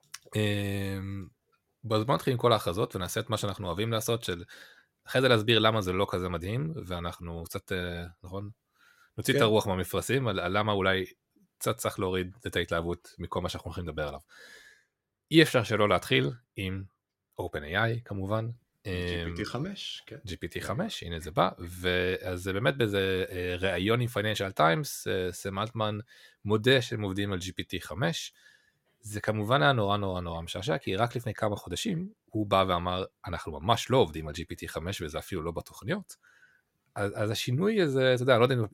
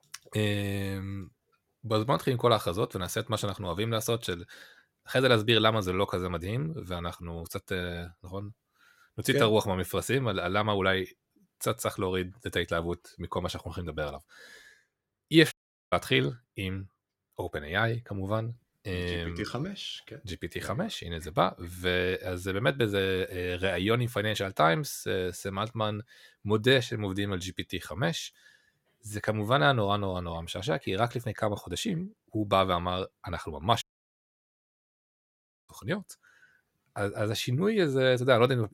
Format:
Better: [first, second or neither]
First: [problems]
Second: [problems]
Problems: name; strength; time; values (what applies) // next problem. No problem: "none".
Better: first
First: none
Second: audio cutting out; at 16 s and at 34 s for 2 s